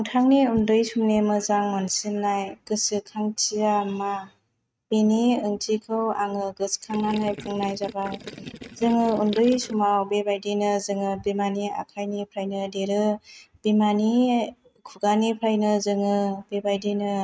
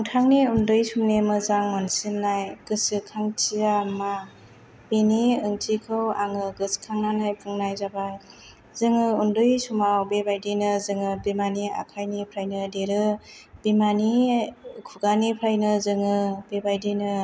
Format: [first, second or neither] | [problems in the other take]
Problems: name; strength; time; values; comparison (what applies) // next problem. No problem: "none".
second | noise reduction (neural mask model RNNoise)